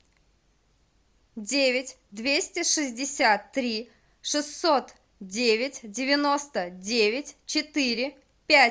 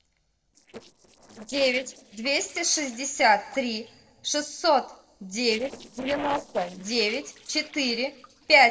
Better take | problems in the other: first | noise reduction (neural separator model SepFormer DNS4)

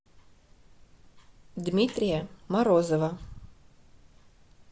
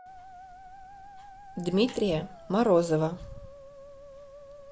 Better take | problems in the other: first | background sound (Musical instrument); 19 dB below the speech

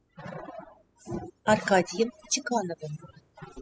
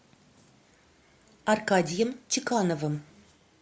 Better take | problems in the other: second | noise reduction (classical method spectral subtraction)

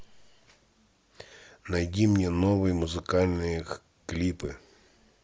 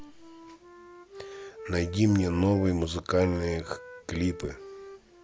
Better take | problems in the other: first | background sound (Wind instrument, woodwind instrument); 16 dB below the speech

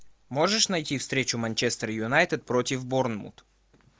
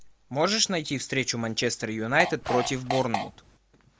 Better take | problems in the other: first | background sound (Fart); 4 dB below the speech

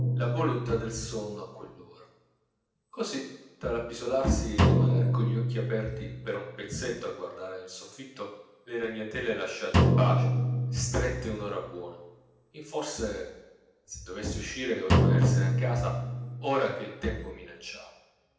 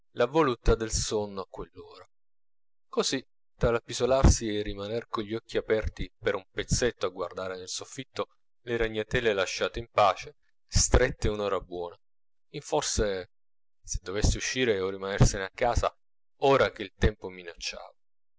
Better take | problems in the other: second | background sound (Drum); 4 dB above the speech // room echo; dies away in 0.9 s

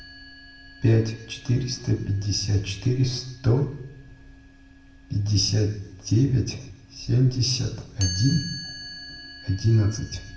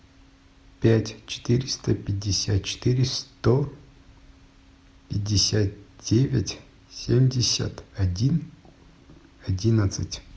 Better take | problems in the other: second | background sound (Chime); 17 dB below the speech // room echo; dies away in 0.7 s

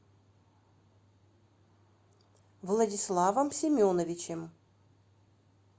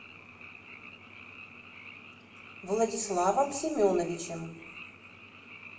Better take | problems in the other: first | background sound (Frog); 16 dB below the speech // room echo; dies away in 0.6 s

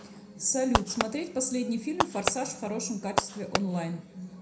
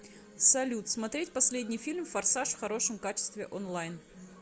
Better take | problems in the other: second | background sound (Fireworks); 3 dB below the speech // room echo; dies away in 0.5 s

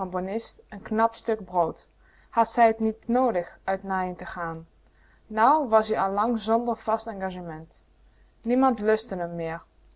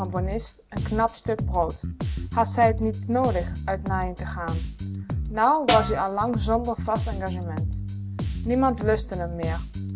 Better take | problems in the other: first | background sound (Bass guitar + Snare drum); 3 dB below the speech

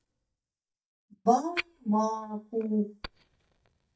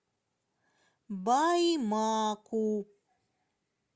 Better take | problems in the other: second | noise reduction (neural mask model DeepFilterNet 3)

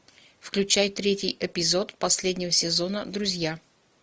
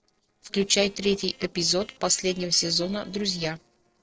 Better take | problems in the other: first | noise reduction (neural separator model SepFormer DNS4)

